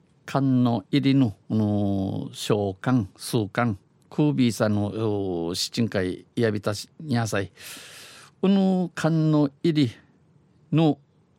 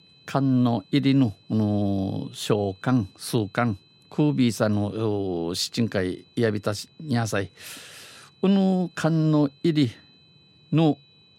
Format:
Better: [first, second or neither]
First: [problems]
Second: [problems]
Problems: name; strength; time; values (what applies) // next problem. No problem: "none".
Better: first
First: none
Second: high-pitched whine; faint; throughout; 4 kHz, 30 dB below the speech